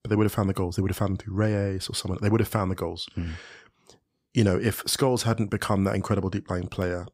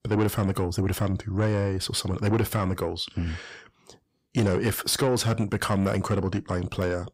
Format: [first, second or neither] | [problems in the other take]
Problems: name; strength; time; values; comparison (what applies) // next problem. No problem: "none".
first | distortion; slight; 10 dB below the speech